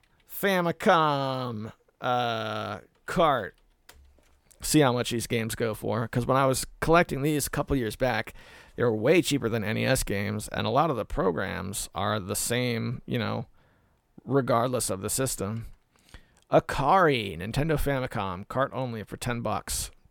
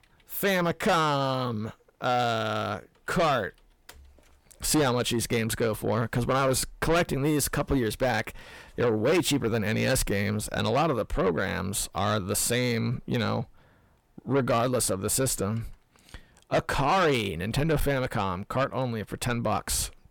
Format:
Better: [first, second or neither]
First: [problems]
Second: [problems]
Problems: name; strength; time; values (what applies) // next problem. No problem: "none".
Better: first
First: none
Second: distortion; heavy; 8 dB below the speech